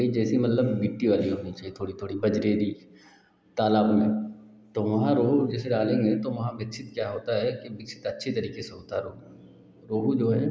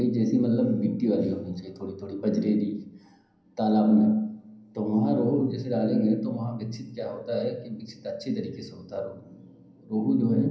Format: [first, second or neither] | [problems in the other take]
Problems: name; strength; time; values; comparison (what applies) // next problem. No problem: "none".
first | room echo; dies away in 0.6 s